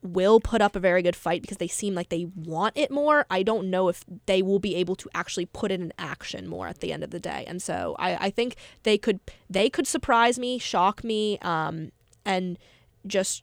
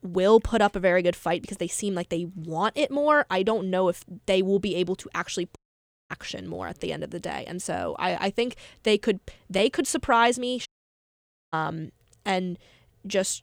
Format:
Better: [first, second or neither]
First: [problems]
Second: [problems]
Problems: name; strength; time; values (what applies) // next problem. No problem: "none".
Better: first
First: none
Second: audio cutting out; at 5.5 s for 0.5 s and at 11 s for 1 s